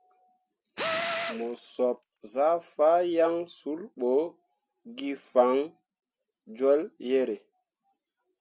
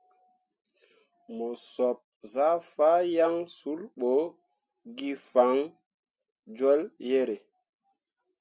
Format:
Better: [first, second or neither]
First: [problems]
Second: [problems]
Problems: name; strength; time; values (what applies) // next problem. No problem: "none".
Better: second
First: background sound (Tools); 5 dB below the speech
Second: none